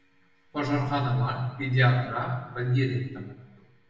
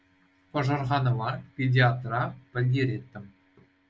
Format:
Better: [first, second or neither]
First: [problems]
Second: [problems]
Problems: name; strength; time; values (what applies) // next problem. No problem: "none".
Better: second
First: room echo; dies away in 1 s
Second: none